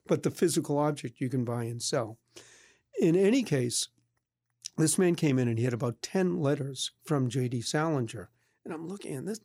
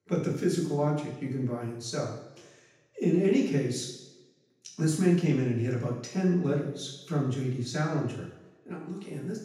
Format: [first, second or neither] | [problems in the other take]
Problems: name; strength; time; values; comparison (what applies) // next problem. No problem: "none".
first | room echo; noticeable; dies away in 0.8 s // off-mic speech; far